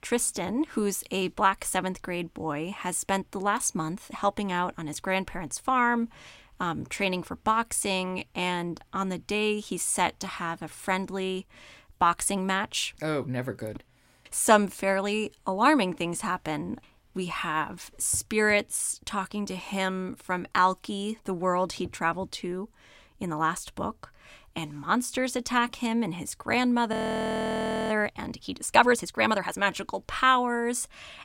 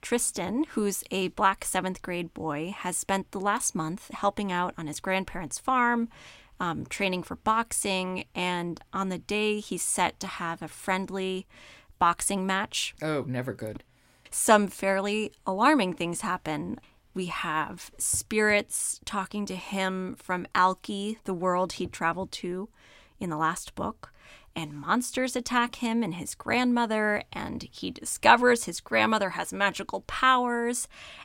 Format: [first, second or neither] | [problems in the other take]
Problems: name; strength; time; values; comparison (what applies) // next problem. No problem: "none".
second | audio freezing; at 27 s for 1 s